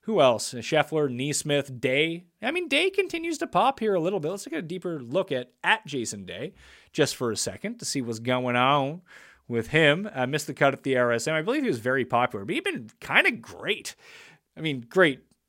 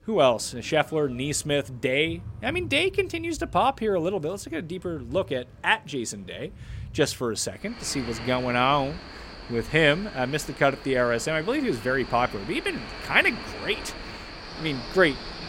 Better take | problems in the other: first | animal sounds; noticeable; throughout; 15 dB below the speech

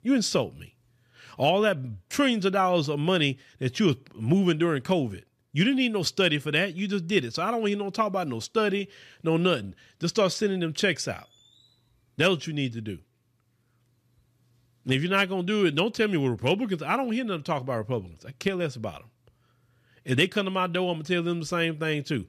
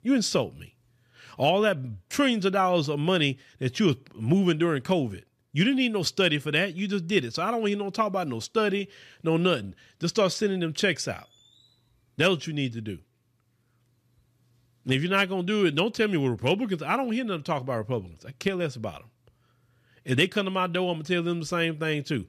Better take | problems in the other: neither | none

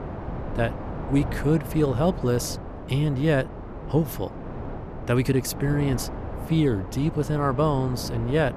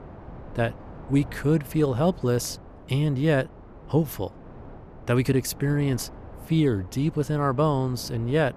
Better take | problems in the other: second | wind noise on the microphone; heavy; 10 dB below the speech; occasional gusts in the second

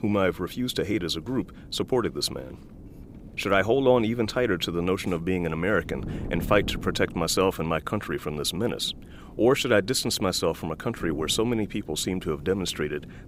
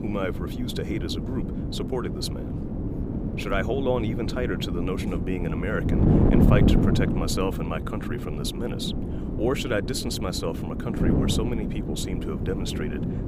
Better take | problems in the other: first | wind noise on the microphone; heavy; 2 dB below the speech; occasional gusts in the first

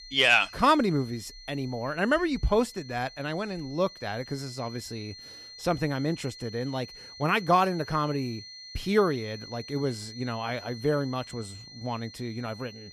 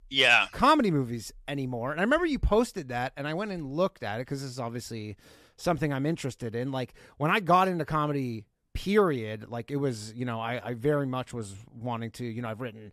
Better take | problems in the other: second | high-pitched whine; noticeable; throughout; 4 kHz, 15 dB below the speech

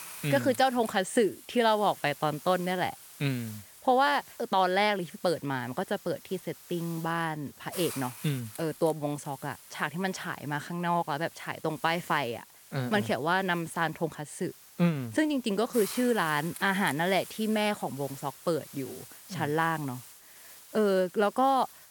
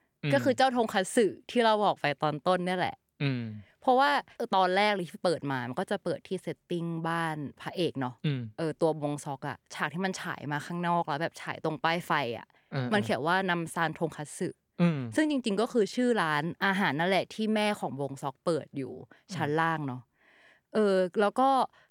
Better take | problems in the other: second | hiss; noticeable; throughout; 15 dB below the speech

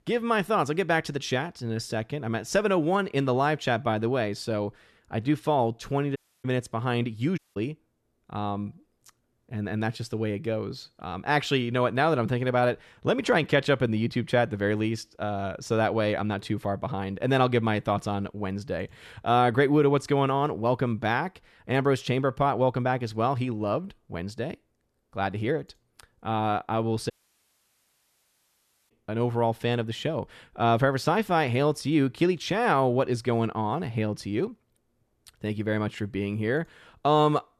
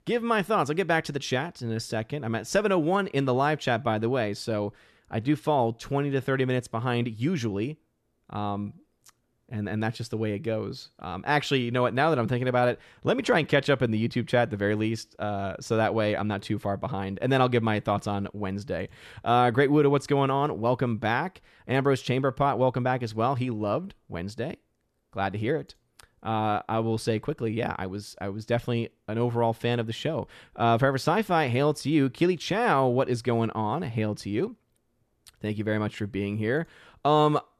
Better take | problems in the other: second | audio cutting out; at 6 s, at 7.5 s and at 27 s for 2 s

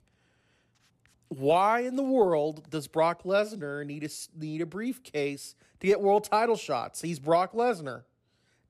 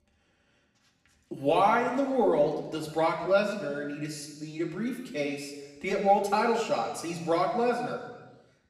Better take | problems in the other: first | room echo; noticeable; dies away in 1.2 s // off-mic speech; somewhat distant

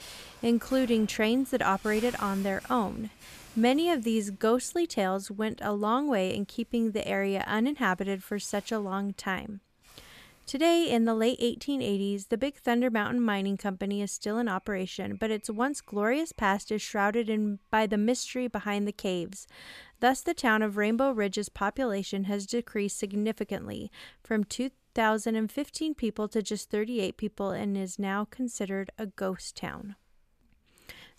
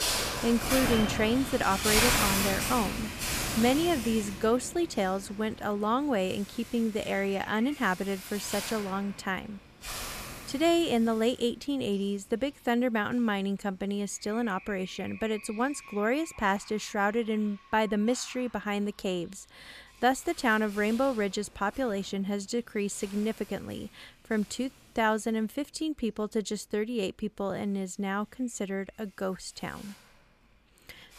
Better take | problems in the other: first | animal sounds; loud; throughout; 3 dB below the speech; faint in the first

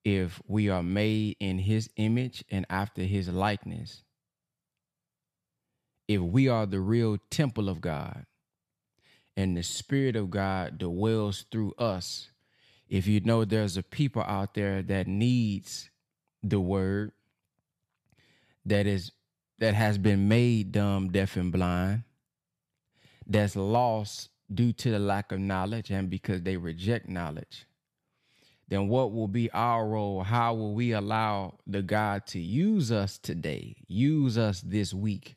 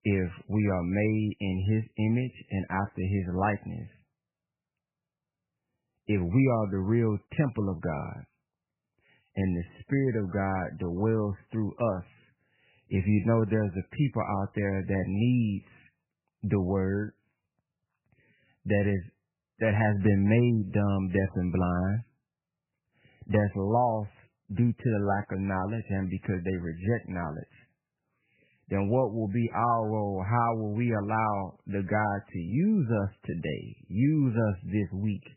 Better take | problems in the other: first | garbled, watery; badly; nothing above 3 kHz

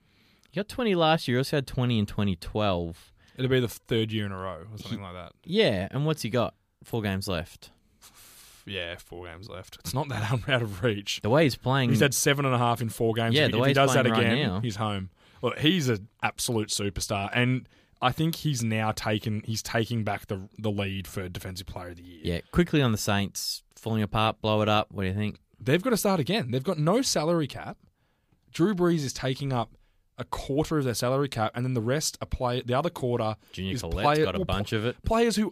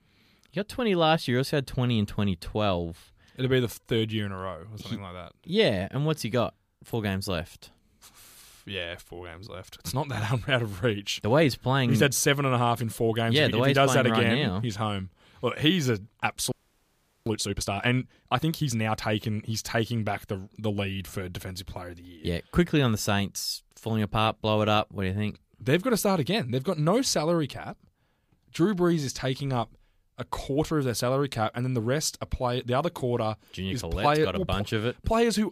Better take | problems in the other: first | audio freezing; at 17 s for 0.5 s

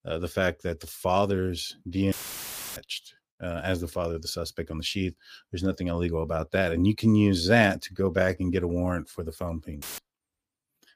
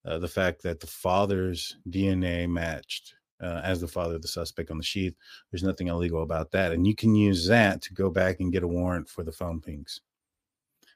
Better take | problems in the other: second | audio cutting out; filled with static; at 2 s for 0.5 s and at 10 s

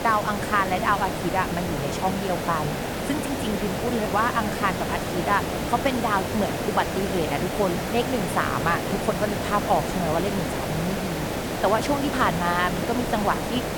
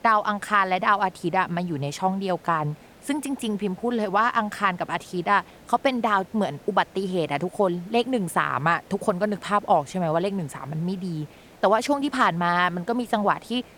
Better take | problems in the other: second | hiss; loud; throughout; 2 dB below the speech; faint in the second

